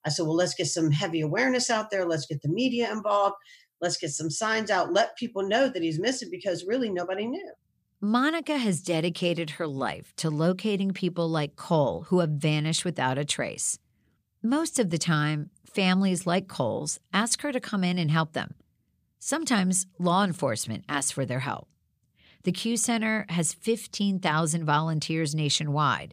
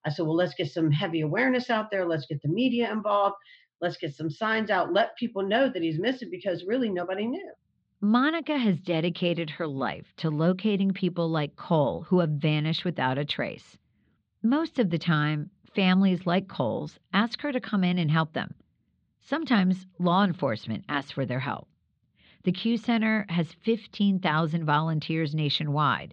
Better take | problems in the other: first | muffled; slightly; fading above 4 kHz

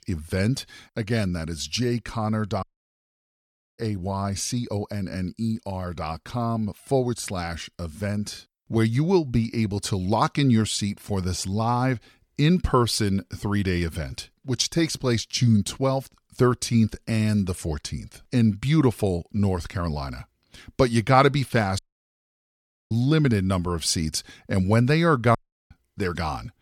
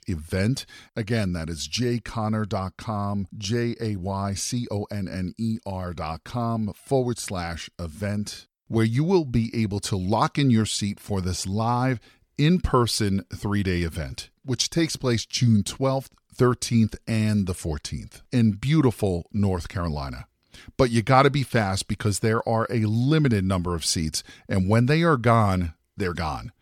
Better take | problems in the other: second | audio cutting out; at 2.5 s for 1 s, at 22 s for 1 s and at 25 s

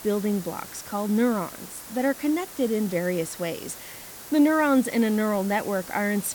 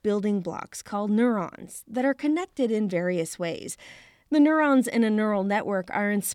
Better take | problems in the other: second | hiss; noticeable; throughout; 15 dB below the speech

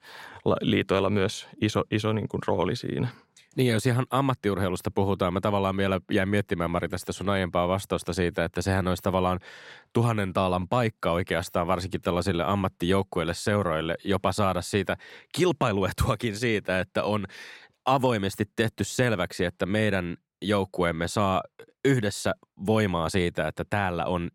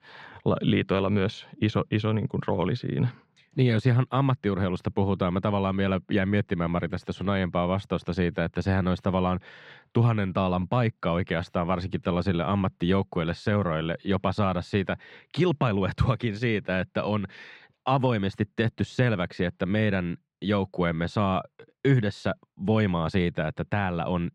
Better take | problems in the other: first | muffled; very slightly; fading above 3.5 kHz

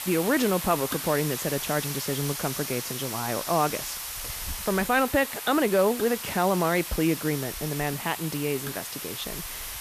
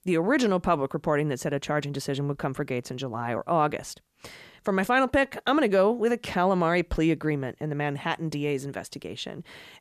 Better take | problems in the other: second | hiss; loud; throughout; 6 dB below the speech

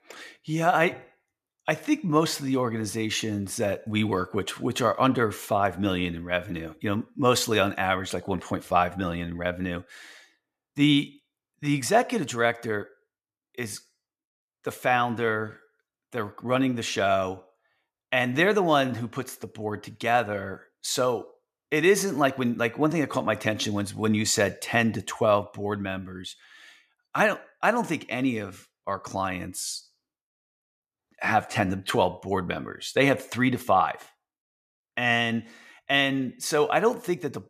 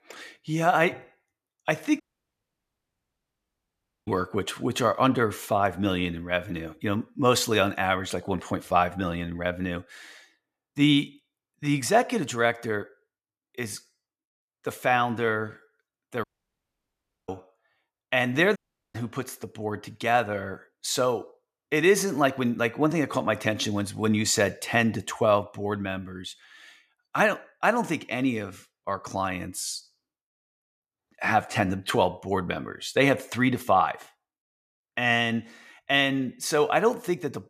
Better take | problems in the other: first | audio cutting out; at 2 s for 2 s, at 16 s for 1 s and at 19 s

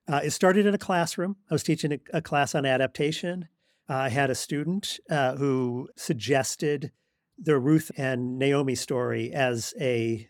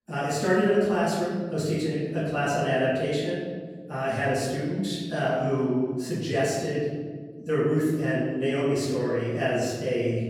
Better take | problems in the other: first | off-mic speech; far // room echo; strong; dies away in 1.5 s

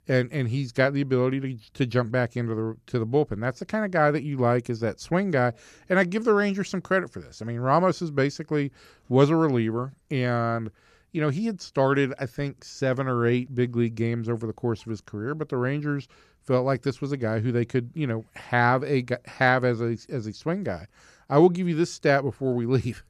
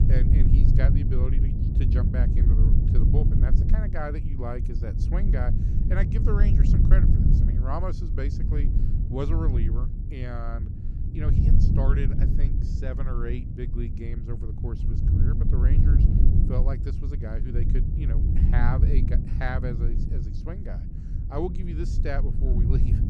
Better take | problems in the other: first | low rumble; loud; throughout; 1 dB below the speech

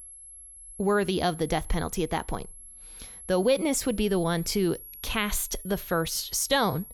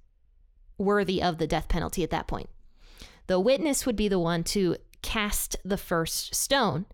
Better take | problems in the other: second | high-pitched whine; noticeable; throughout; 11.5 kHz, 15 dB below the speech

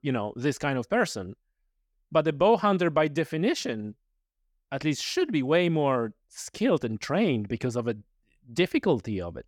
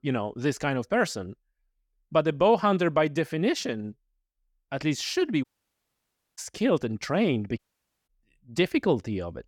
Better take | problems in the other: first | audio cutting out; at 5.5 s for 1 s and at 7.5 s for 0.5 s

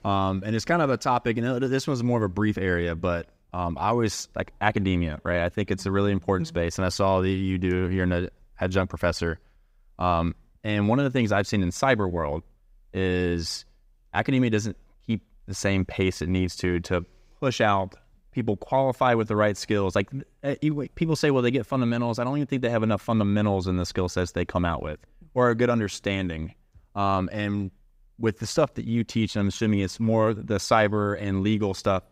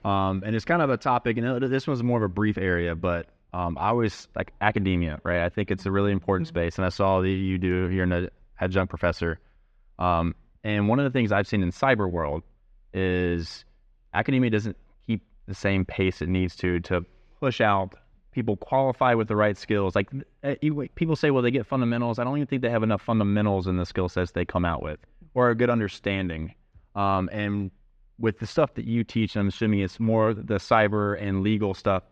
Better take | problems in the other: first | muffled; slightly; fading above 3 kHz

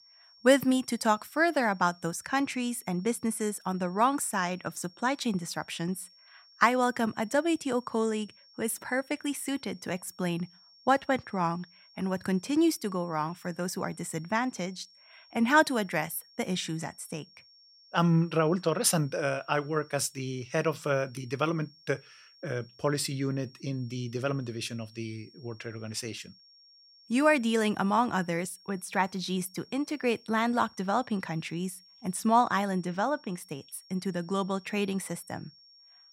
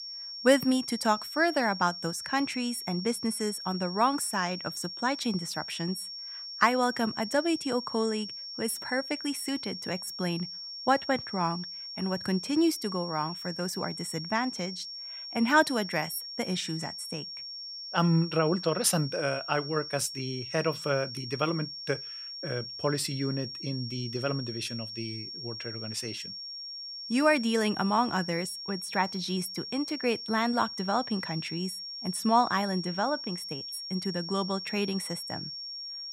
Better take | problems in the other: first | high-pitched whine; loud; throughout; 5.5 kHz, 7 dB below the speech; faint in the first

